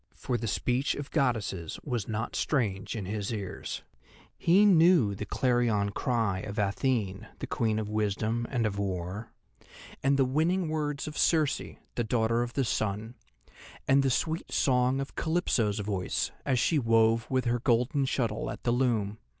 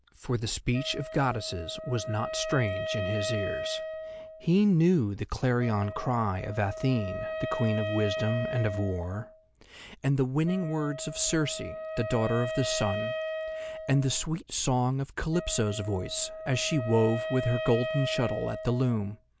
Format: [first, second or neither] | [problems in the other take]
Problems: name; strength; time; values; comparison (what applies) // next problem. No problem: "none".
first | background sound (Wind instrument, woodwind instrument); 8 dB below the speech